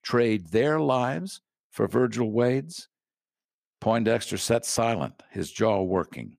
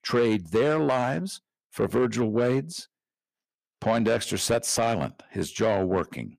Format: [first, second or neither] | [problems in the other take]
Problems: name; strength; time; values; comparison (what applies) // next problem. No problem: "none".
first | distortion; slight; 10 dB below the speech